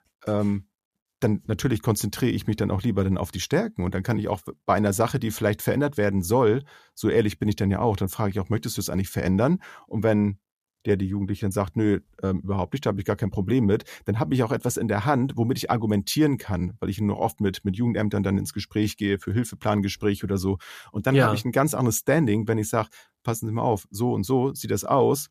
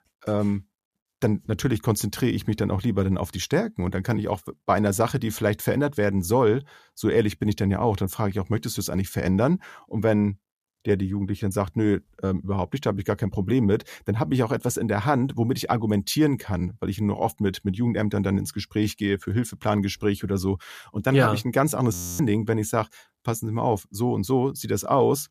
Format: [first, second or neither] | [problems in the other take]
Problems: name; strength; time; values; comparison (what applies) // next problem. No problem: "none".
first | audio freezing; at 22 s